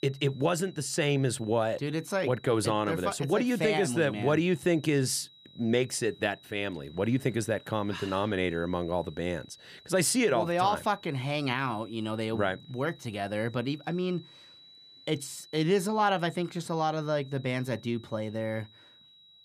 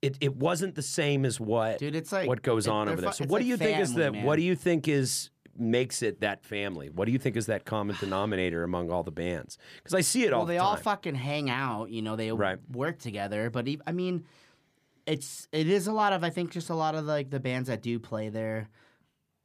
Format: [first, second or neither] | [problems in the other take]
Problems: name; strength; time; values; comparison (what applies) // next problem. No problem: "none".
second | high-pitched whine; faint; throughout; 4 kHz, 25 dB below the speech